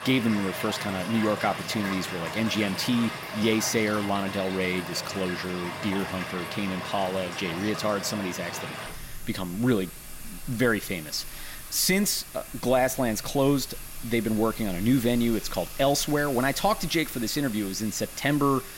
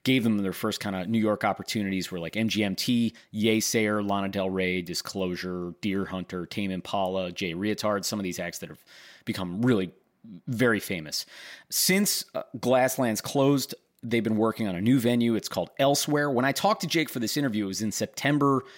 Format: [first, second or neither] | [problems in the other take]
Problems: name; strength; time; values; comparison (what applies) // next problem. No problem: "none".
second | rain or running water; loud; throughout; 9 dB below the speech